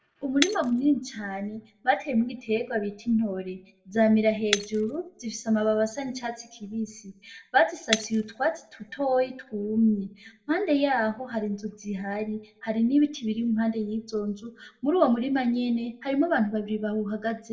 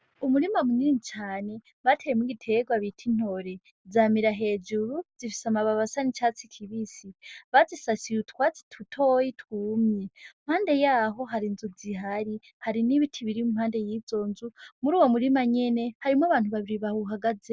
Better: second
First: background sound (Shatter); 13 dB below the speech // room echo; dies away in 0.4 s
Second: none

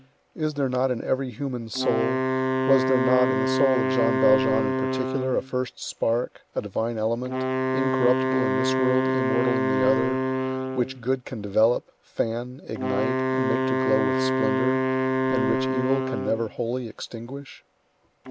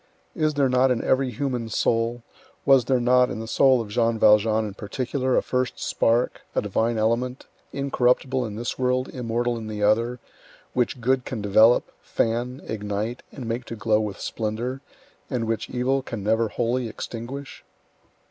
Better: second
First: background sound (Wind instrument, woodwind instrument); 1 dB above the speech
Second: none

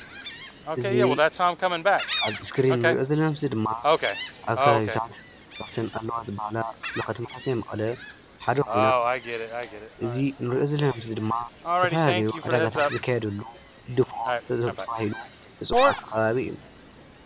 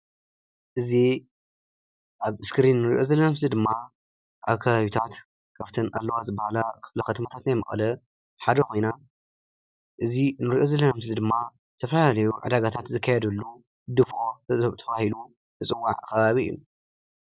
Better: second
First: background sound (Gull, seagull); as loud as the speech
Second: none

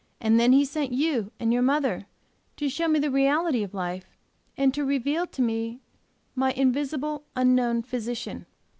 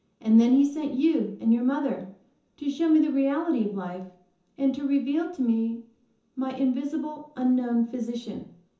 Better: first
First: none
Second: room echo; dies away in 0.6 s

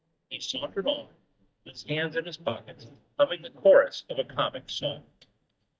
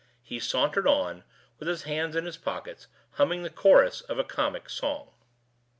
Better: second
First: noise reduction (neural mask model DeepFilterNet 3)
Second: none

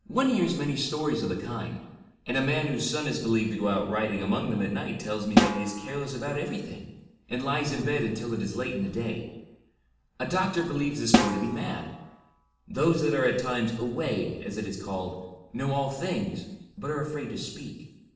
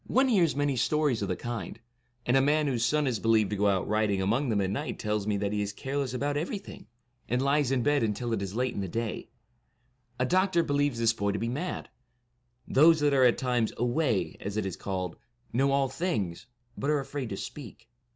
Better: second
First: background sound (Snare drum); 1 dB above the speech // room echo; dies away in 0.9 s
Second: none

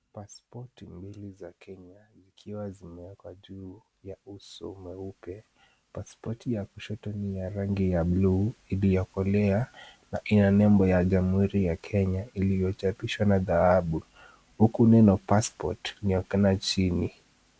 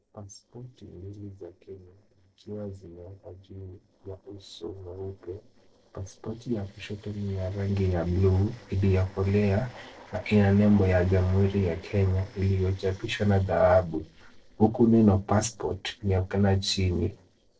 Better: first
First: none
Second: noise reduction (neural separator model SepFormer DNS4)

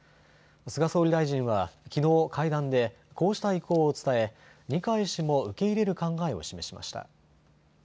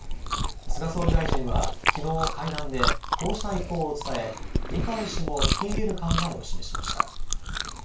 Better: first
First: none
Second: background sound (Chewing, mastication); 5 dB above the speech // room echo; dies away in 0.2 s

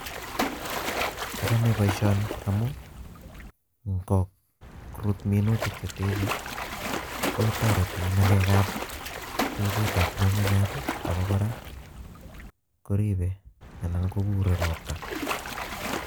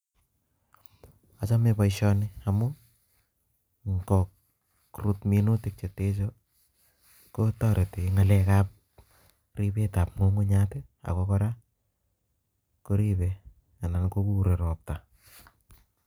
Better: second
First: background sound (Splash, splatter); 6 dB below the speech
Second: none

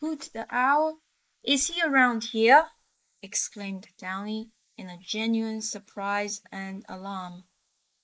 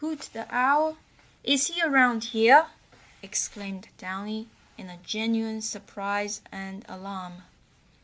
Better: second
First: noise reduction (neural mask model Resemble Enhance denoiser)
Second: none

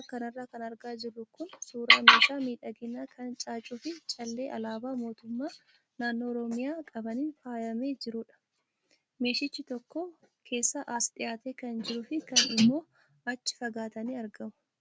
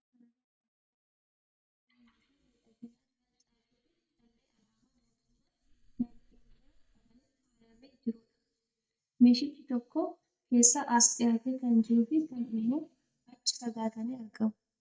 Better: first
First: none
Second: noise reduction (neural mask model DeepFilterNet 3)

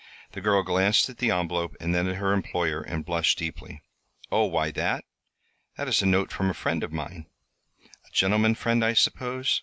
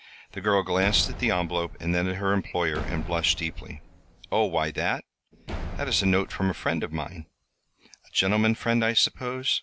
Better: first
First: none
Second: background sound (Slam); 10 dB below the speech

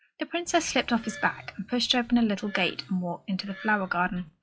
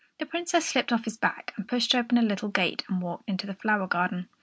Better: second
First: noise reduction (classical method log-MMSE)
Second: none

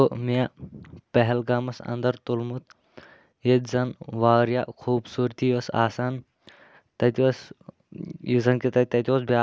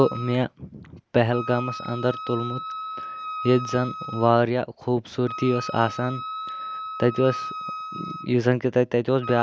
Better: first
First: none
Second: background sound (Wind instrument, woodwind instrument); 10 dB below the speech

